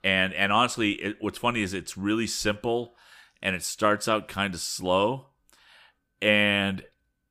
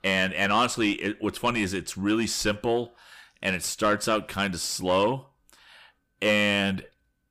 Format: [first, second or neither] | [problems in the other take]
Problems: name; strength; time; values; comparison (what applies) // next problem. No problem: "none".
first | distortion; slight; 10 dB below the speech